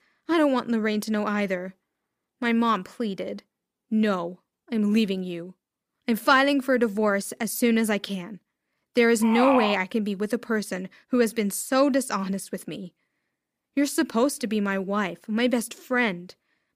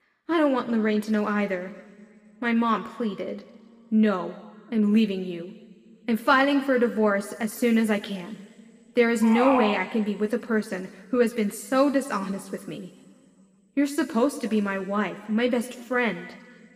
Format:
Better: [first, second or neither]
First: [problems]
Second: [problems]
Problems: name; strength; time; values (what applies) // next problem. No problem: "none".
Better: first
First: none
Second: room echo; slight; dies away in 2.7 s